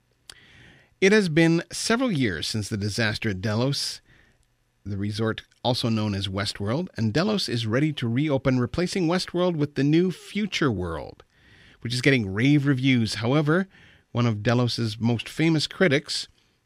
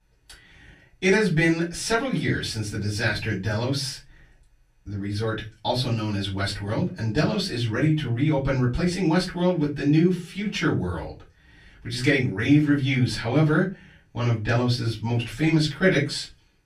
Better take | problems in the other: first | off-mic speech; far // room echo; very slight; dies away in 0.3 s

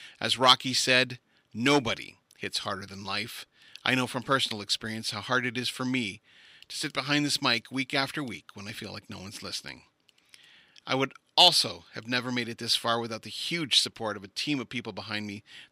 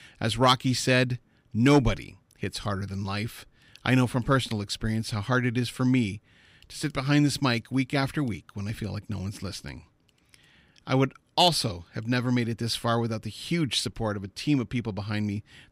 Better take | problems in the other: second | thin; very slightly; fading below 500 Hz

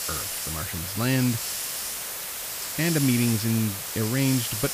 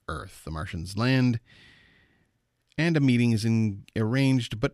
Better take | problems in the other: second | hiss; loud; throughout; 3 dB below the speech

